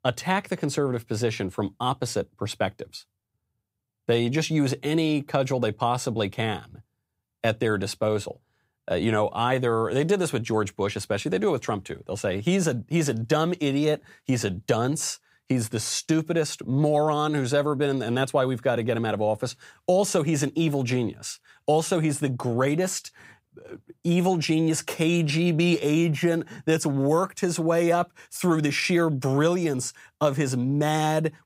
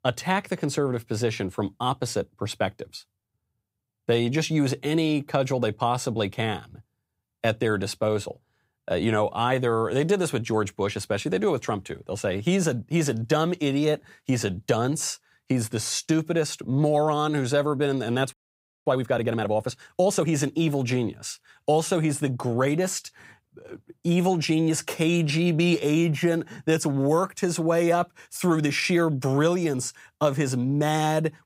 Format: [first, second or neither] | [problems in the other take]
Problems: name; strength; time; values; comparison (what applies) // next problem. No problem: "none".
first | audio freezing; at 18 s for 0.5 s